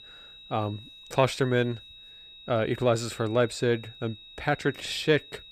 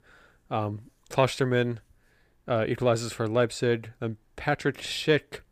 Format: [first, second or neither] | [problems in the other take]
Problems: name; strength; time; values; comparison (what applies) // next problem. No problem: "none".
second | high-pitched whine; noticeable; throughout; 4 kHz, 20 dB below the speech